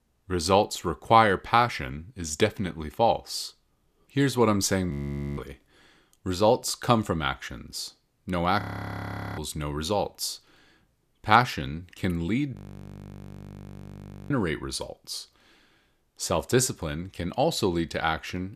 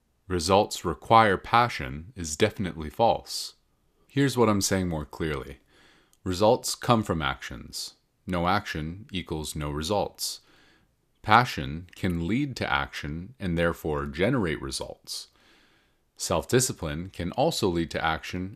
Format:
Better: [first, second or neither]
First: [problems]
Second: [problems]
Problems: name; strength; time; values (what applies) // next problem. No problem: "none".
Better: second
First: audio freezing; at 5 s, at 8.5 s for 1 s and at 13 s for 2 s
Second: none